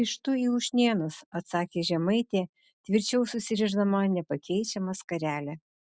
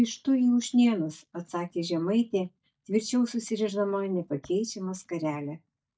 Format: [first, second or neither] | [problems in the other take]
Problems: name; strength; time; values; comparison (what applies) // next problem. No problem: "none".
first | noise reduction (neural mask model DeepFilterNet 3)